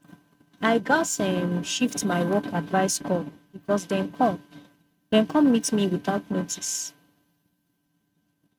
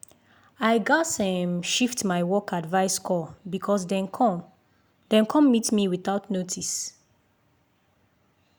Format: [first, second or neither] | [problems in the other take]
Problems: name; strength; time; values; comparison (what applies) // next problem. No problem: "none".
second | noise reduction (neural mask model RNNoise)